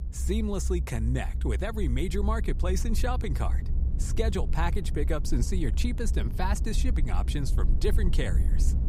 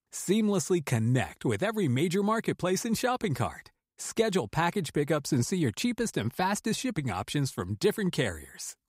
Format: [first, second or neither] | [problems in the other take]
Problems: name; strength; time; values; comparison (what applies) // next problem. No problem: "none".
second | low rumble; noticeable; throughout; 10 dB below the speech